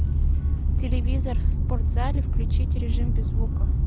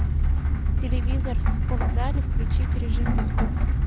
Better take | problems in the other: first | background sound (Rain); 14 dB below the speech

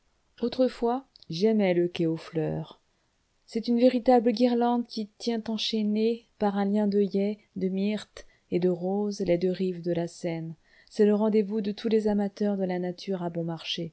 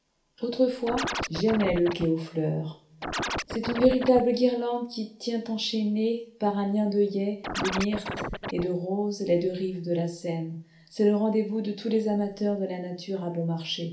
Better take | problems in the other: first | background sound (Scratching (performance technique)); 6 dB below the speech // room echo; dies away in 0.4 s

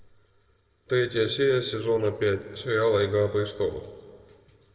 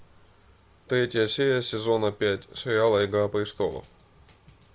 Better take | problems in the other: second | noise reduction (neural separator model SepFormer DNS4)

